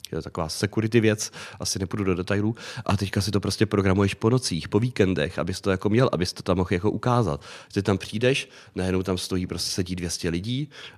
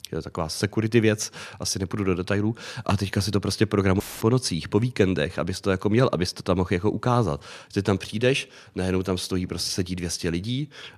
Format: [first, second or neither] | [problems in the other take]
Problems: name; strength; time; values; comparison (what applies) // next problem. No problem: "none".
first | audio cutting out; filled with static; at 4 s